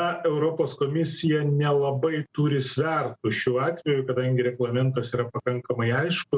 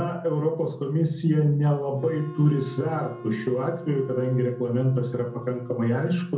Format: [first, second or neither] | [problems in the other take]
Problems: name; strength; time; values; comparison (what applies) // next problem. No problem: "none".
first | background sound (Wind instrument, woodwind instrument); 18 dB below the speech // room echo; dies away in 0.5 s